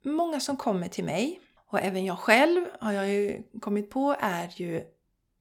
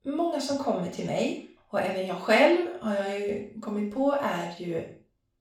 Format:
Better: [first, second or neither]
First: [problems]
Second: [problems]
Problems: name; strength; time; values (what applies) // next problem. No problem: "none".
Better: first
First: none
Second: room echo; noticeable; dies away in 0.4 s // off-mic speech; far